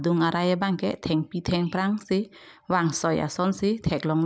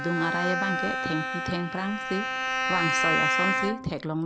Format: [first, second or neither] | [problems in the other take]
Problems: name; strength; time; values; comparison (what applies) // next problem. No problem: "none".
first | background sound (Bowed string instrument); 2 dB above the speech